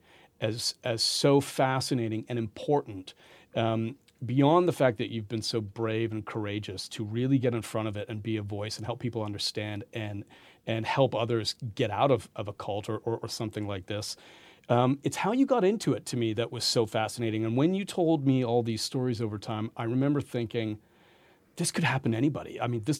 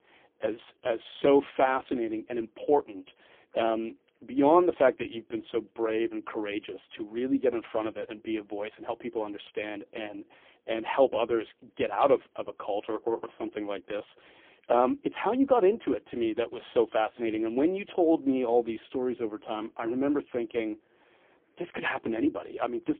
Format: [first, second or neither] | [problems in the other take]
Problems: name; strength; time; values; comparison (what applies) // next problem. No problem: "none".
first | phone-call audio; poor line; nothing above 3.5 kHz